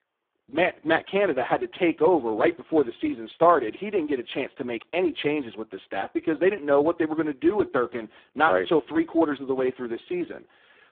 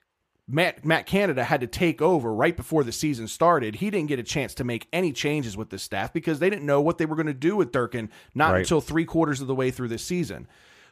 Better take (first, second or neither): second